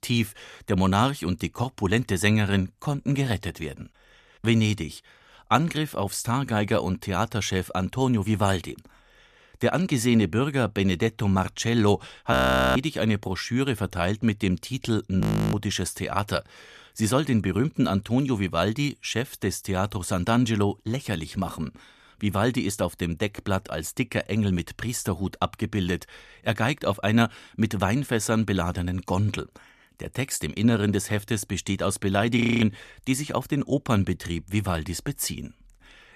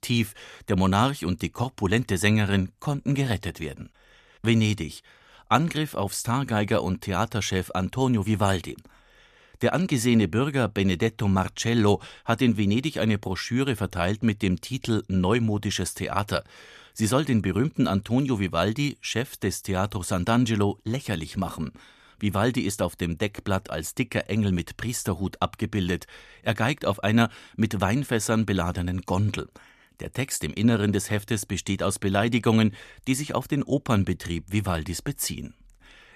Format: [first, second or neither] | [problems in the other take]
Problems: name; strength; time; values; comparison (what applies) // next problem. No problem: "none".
second | audio freezing; at 12 s, at 15 s and at 32 s